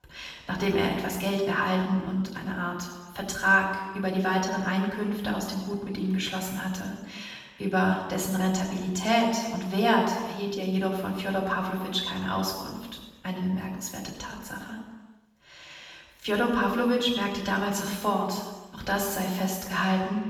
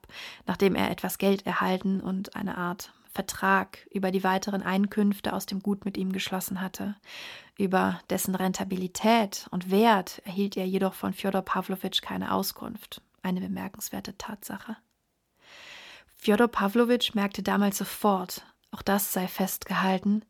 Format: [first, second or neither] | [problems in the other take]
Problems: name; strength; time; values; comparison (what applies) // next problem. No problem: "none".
second | room echo; noticeable; dies away in 1.1 s // off-mic speech; far